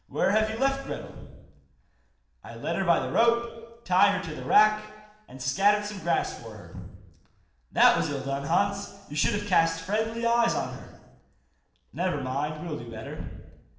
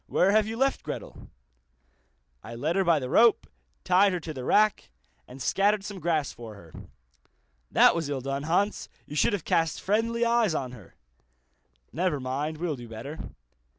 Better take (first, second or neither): second